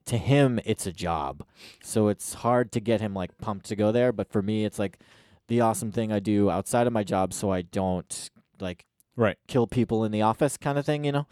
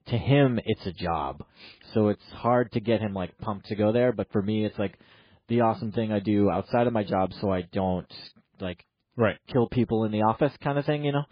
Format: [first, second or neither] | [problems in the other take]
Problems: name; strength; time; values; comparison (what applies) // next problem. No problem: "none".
first | garbled, watery; badly; nothing above 4 kHz